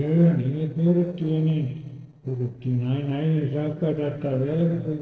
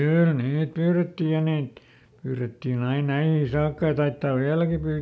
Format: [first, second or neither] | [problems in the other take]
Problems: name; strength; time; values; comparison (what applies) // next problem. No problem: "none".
second | noise reduction (neural separator model SepFormer DNS4)